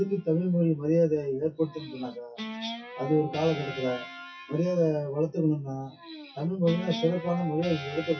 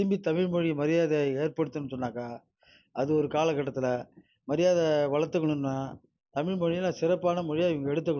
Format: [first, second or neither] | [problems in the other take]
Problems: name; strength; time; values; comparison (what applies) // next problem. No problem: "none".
second | noise reduction (classical method WPE with log-MMSE)